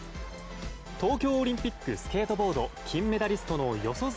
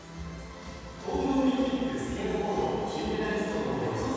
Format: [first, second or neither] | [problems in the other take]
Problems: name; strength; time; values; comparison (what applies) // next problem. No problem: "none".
first | room echo; dies away in 2.1 s